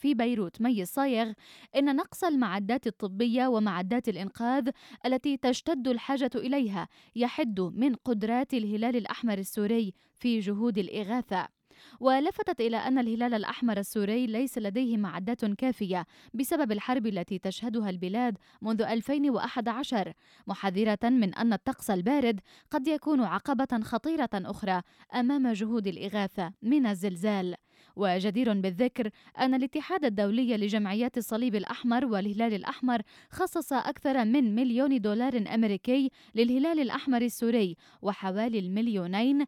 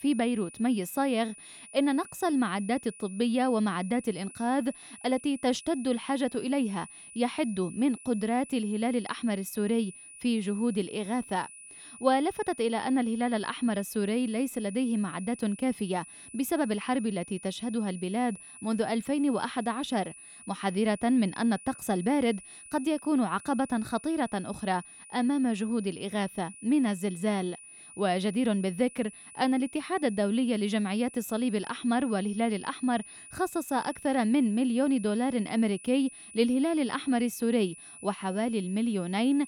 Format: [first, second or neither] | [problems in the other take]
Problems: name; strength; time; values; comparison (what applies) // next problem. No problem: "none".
first | high-pitched whine; noticeable; throughout; 9.5 kHz, 15 dB below the speech